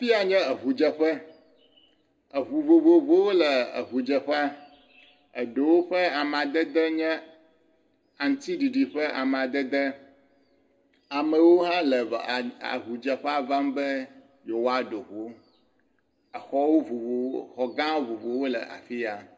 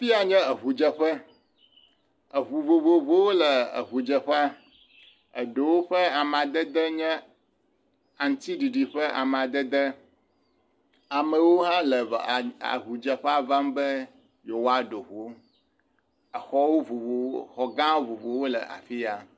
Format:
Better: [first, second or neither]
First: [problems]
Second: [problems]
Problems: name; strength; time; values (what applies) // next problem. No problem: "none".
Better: second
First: room echo; dies away in 0.7 s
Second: none